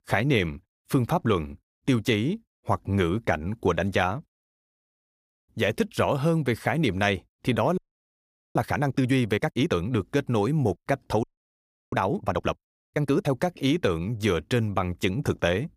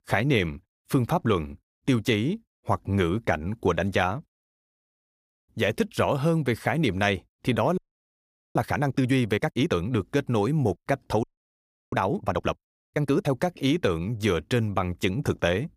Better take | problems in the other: neither | audio freezing; at 8 s for 1 s and at 11 s for 0.5 s; the same in both

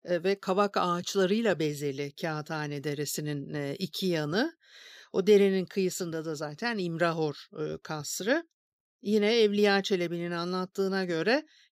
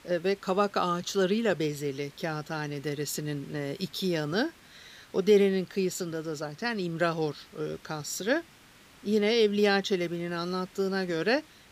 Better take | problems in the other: first | hiss; faint; throughout; 25 dB below the speech

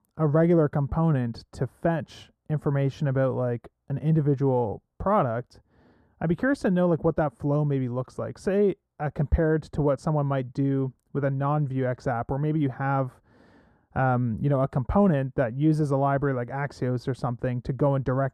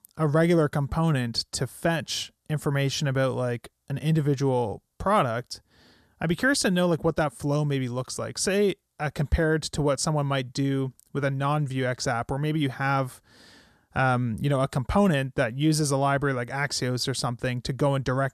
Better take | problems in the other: second | muffled; very; fading above 2 kHz

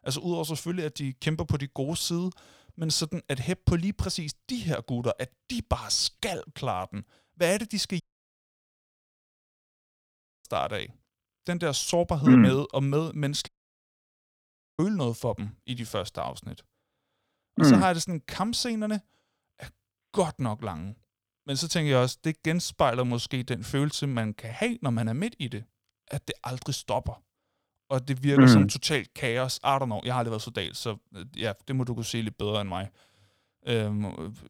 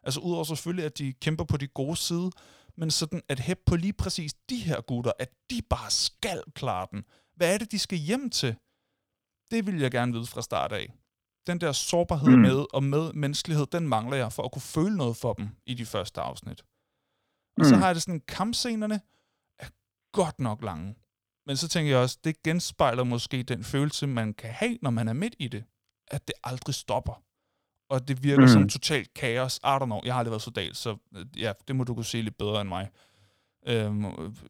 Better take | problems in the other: second | audio cutting out; at 8 s for 2.5 s and at 13 s for 1.5 s

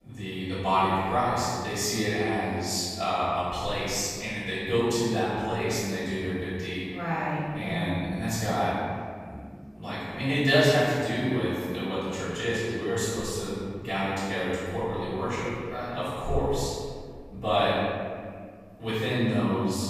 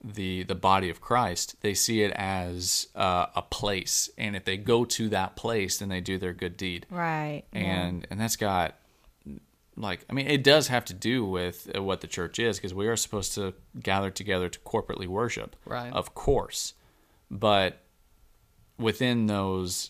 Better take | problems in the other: second | off-mic speech; far // room echo; strong; dies away in 1.9 s

